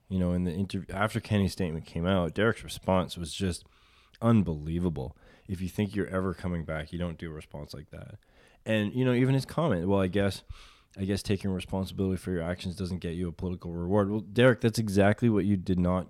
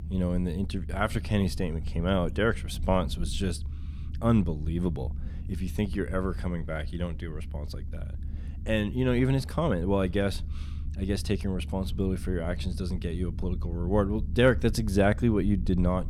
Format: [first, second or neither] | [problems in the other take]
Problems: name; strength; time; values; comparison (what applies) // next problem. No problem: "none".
first | low rumble; faint; throughout; 20 dB below the speech